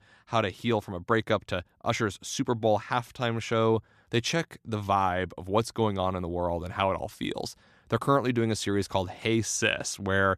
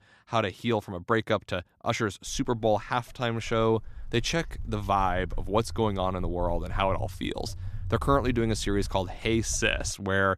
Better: first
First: none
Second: footsteps; noticeable; from 2.5 s on; peak 7 dB below the speech

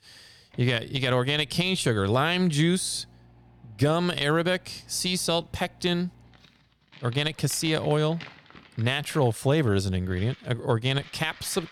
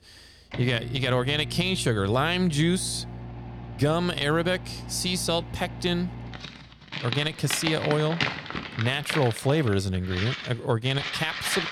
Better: first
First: household noises; faint; throughout; 25 dB below the speech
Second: household noises; loud; throughout; 8 dB below the speech

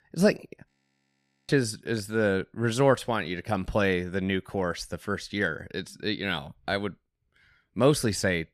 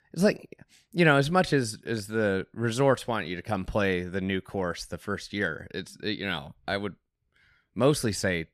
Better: second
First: audio freezing; at 0.5 s for 1 s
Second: none

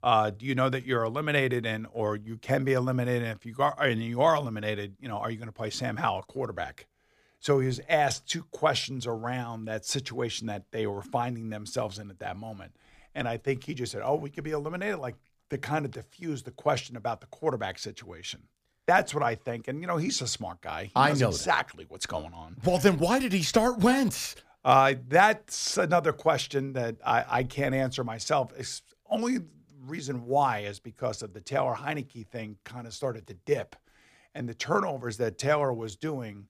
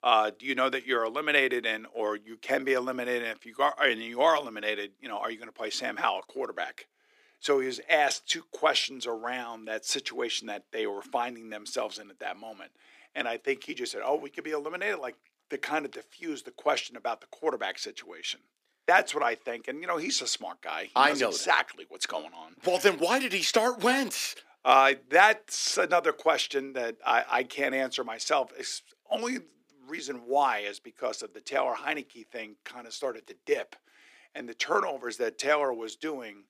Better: first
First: none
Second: thin; somewhat; fading below 300 Hz

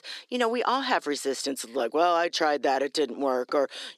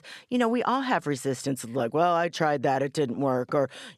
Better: second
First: thin; very slightly; fading below 300 Hz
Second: none

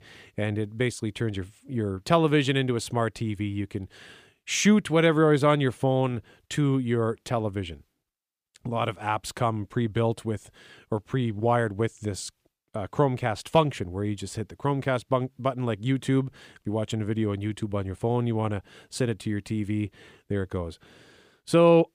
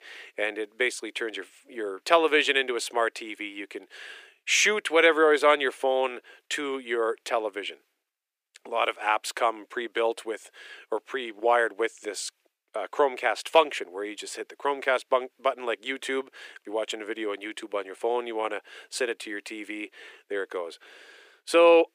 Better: first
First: none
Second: thin; very; fading below 350 Hz

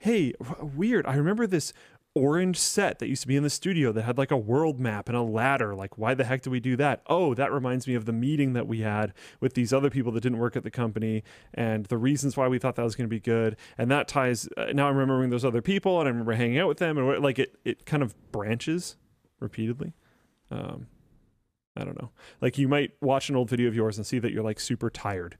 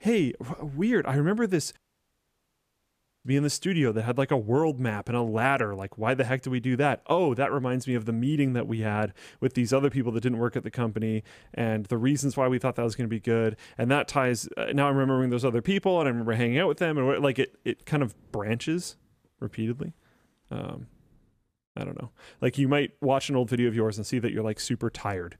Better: first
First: none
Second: audio cutting out; at 2 s for 1.5 s

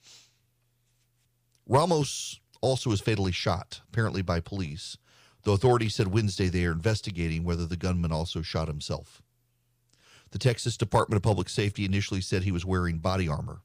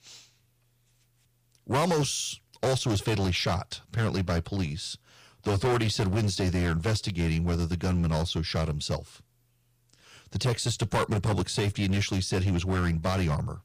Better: first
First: none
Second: distortion; heavy; 12% of the sound clipped

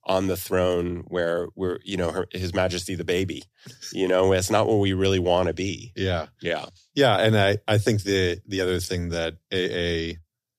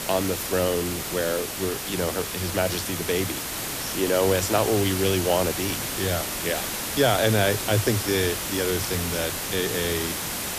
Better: first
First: none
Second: hiss; loud; throughout; 2 dB below the speech

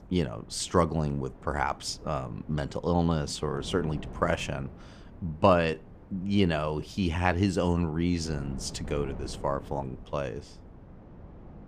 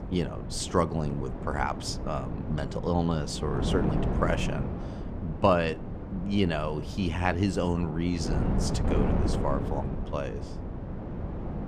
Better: first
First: wind noise on the microphone; occasional gusts; 20 dB below the speech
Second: wind noise on the microphone; heavy; 8 dB below the speech

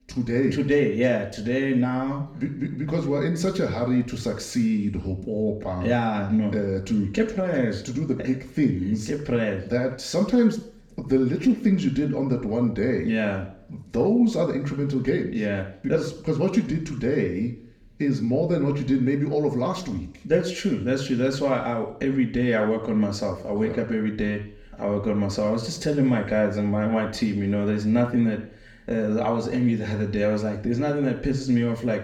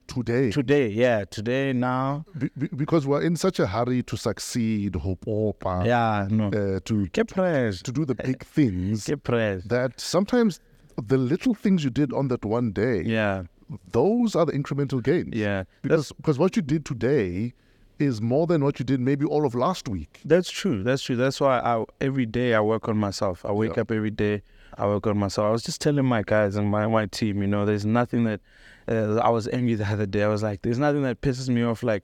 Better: second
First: room echo; slight; dies away in 0.6 s // off-mic speech; somewhat distant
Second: none

